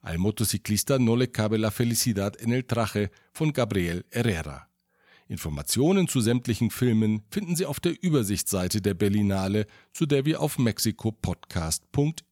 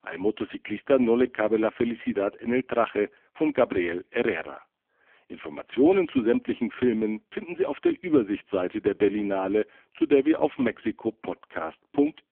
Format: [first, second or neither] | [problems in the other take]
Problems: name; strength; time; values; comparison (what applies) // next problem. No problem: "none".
first | phone-call audio; poor line